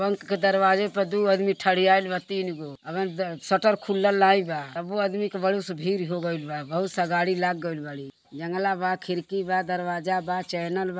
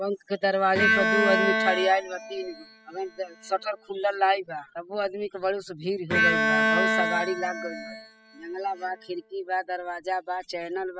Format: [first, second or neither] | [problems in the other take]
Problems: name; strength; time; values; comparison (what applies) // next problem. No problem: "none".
first | noise reduction (classical method spectral subtraction)